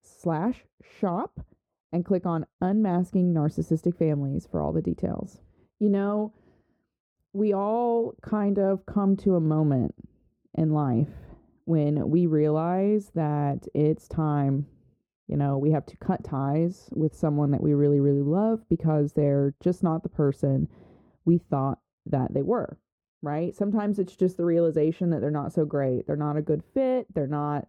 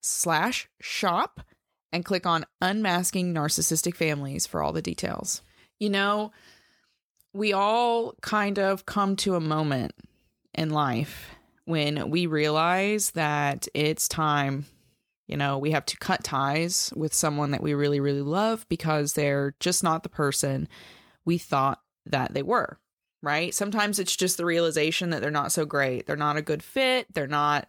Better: second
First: muffled; very; fading above 1.5 kHz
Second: none

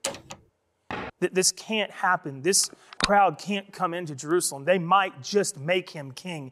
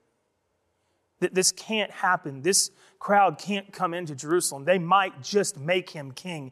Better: second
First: door banging; noticeable; at the start; peak 8 dB below the speech // door banging; faint; at 1 s; peak 10 dB below the speech // phone ringing; noticeable; at 3 s; peak 4 dB below the speech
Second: none

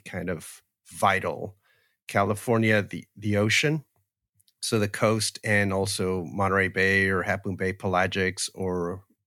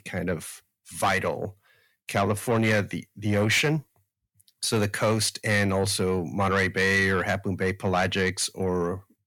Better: first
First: none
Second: distortion; slight; 10 dB below the speech

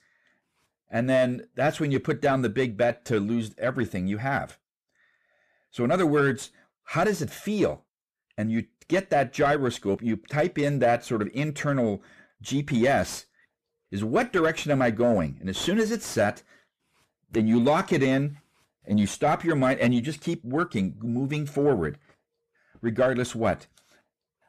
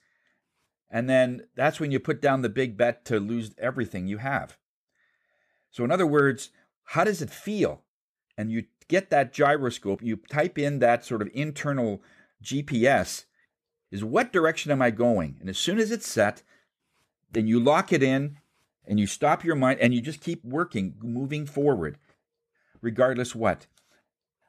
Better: second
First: distortion; slight; 10 dB below the speech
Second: none

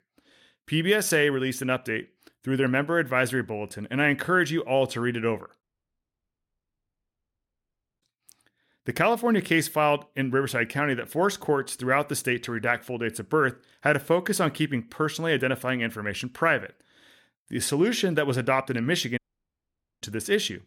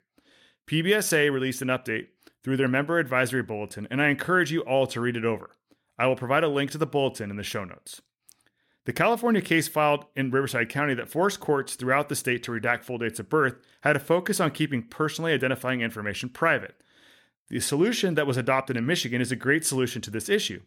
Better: second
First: audio cutting out; at 5.5 s for 2.5 s and at 19 s for 1 s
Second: none

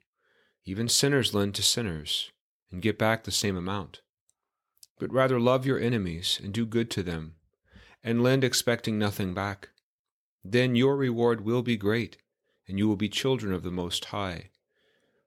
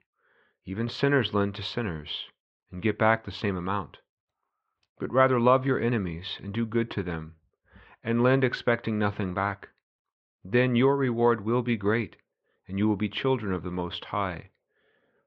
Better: first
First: none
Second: muffled; very; fading above 3 kHz

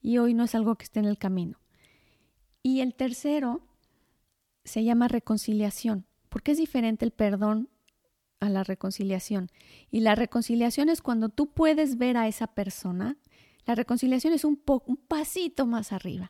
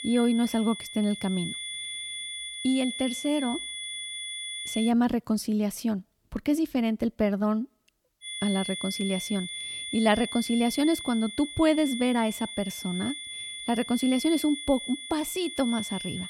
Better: first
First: none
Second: high-pitched whine; loud; until 5 s and from 8 s on; 3.5 kHz, 7 dB below the speech

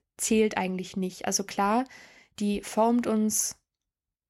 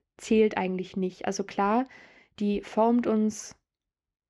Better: first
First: none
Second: muffled; slightly; fading above 3.5 kHz

